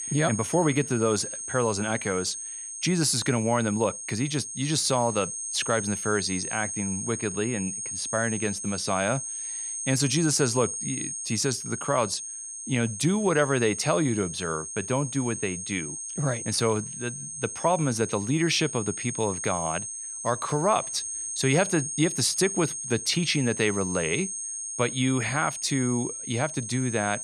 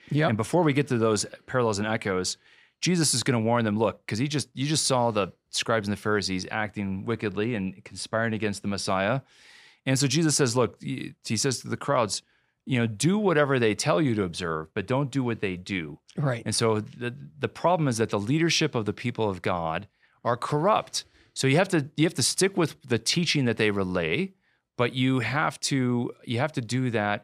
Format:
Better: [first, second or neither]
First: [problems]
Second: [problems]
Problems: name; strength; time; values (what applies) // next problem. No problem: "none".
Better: second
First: high-pitched whine; loud; throughout; 6.5 kHz, 5 dB below the speech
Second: none